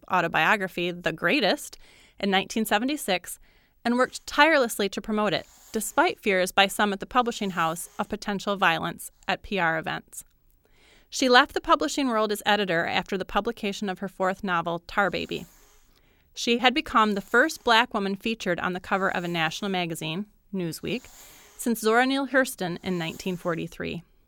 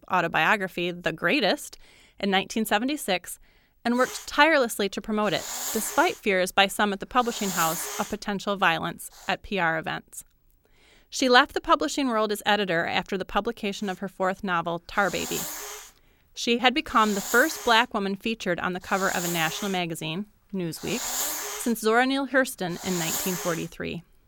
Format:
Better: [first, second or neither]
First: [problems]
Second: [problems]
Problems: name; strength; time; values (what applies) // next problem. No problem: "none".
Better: first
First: hiss; faint; from 4 to 9 s and from 14 s on; 30 dB below the speech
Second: hiss; loud; from 4 to 9 s and from 14 s on; 7 dB below the speech